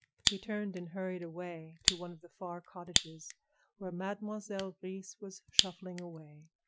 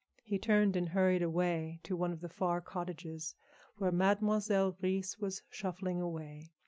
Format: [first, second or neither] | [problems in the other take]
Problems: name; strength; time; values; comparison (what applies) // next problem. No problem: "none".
second | noise reduction (classical method Wiener filter)